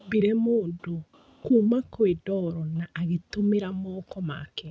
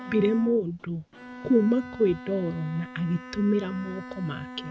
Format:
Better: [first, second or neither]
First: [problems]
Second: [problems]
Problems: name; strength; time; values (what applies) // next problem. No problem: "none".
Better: first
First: none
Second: background sound (Bowed string instrument); 14 dB below the speech